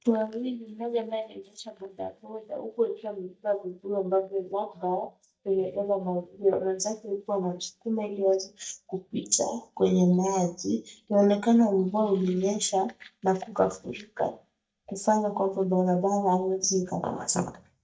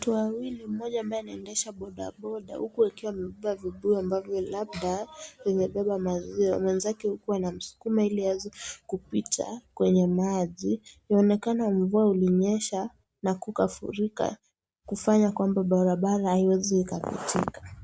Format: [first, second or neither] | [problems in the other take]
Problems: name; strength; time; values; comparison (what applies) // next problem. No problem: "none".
second | noise reduction (neural mask model DeepFilterNet 3)